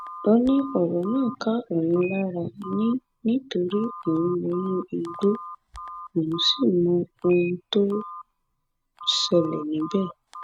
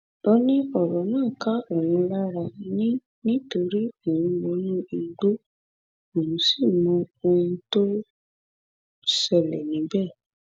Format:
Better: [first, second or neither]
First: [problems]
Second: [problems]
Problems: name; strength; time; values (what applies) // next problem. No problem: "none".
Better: second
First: background sound (Telephone); 16 dB below the speech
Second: none